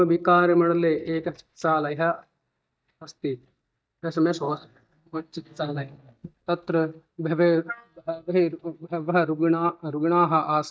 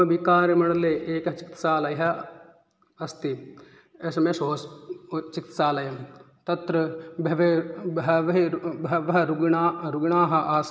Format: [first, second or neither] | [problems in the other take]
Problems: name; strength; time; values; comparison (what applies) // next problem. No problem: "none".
second | noise reduction (neural mask model DeepFilterNet 3)